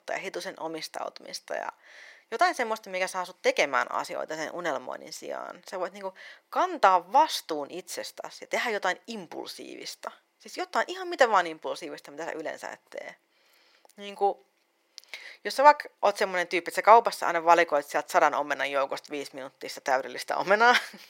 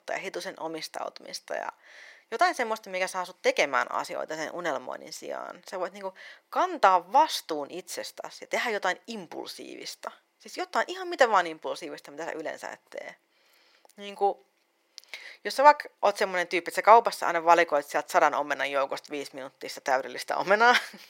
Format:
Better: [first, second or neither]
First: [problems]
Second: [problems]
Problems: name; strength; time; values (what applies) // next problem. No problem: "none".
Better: neither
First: thin; very; fading below 600 Hz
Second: thin; very; fading below 600 Hz